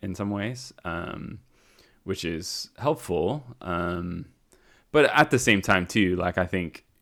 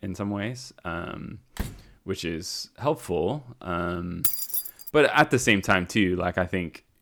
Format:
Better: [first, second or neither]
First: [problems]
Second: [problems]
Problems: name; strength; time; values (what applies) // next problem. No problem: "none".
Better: first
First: none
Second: door banging; faint; at 1.5 s; peak 10 dB below the speech // jangling keys; loud; at 4 s; peak 3 dB above the speech